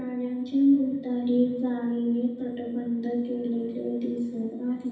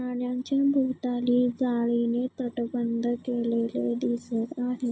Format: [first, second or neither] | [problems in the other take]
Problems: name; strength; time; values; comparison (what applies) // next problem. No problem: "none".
second | room echo; dies away in 0.9 s